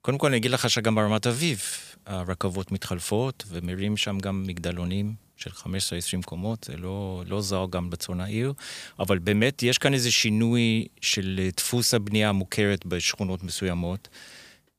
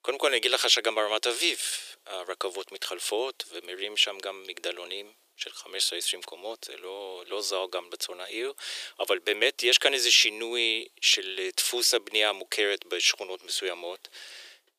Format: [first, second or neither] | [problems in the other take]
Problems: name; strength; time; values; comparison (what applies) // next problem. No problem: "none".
first | thin; very; fading below 350 Hz